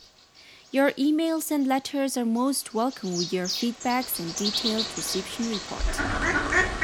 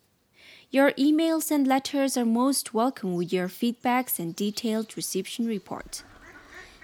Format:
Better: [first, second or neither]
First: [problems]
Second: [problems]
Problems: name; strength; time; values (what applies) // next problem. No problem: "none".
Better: second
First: animal sounds; loud; throughout; 1 dB below the speech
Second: animal sounds; faint; throughout; 25 dB below the speech